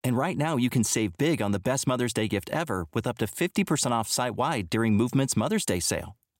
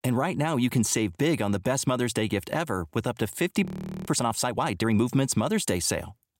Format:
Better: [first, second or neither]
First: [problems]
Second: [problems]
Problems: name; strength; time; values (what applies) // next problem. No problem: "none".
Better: first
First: none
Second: audio freezing; at 3.5 s